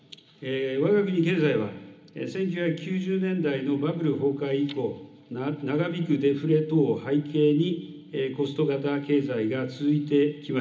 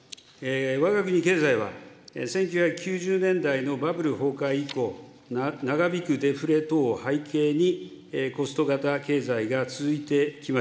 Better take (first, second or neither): second